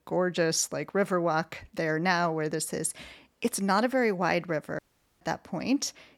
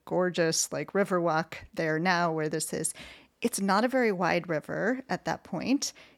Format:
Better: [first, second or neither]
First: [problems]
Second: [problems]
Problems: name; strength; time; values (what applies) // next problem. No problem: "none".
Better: second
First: audio cutting out; at 5 s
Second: none